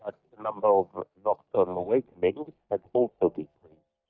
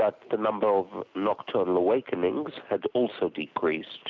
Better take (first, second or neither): second